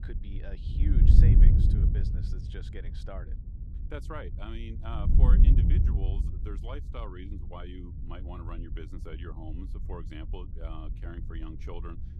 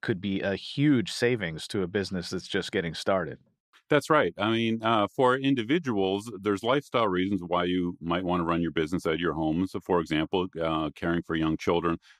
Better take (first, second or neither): second